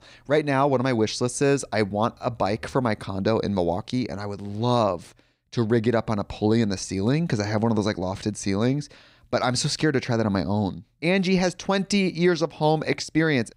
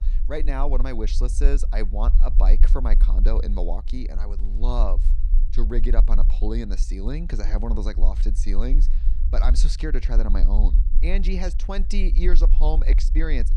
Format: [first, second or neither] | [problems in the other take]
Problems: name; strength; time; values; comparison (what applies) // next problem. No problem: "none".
first | low rumble; noticeable; throughout; 15 dB below the speech